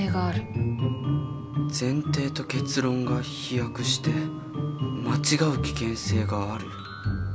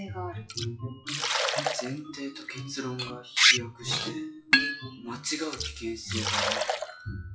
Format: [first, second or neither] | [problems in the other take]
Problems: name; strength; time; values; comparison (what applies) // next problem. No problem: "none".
first | noise reduction (classical method WPE with log-MMSE)